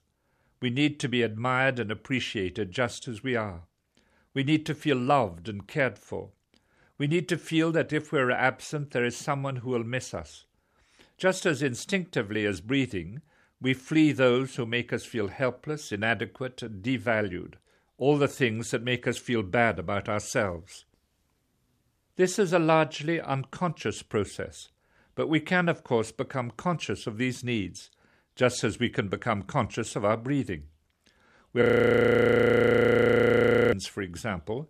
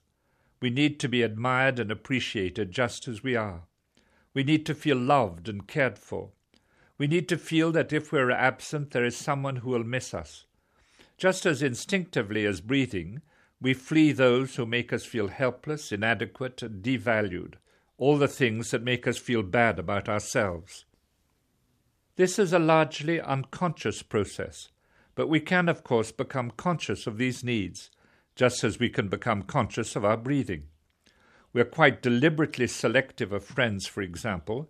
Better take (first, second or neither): second